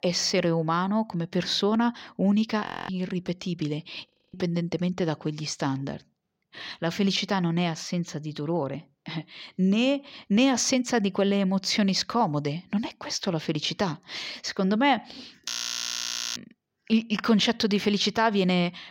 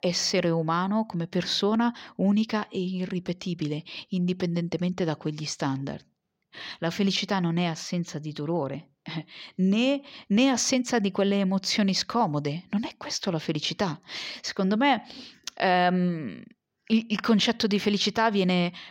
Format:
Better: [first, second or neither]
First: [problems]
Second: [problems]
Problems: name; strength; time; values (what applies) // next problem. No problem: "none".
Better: second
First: audio freezing; at 2.5 s, at 4 s and at 15 s for 1 s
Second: none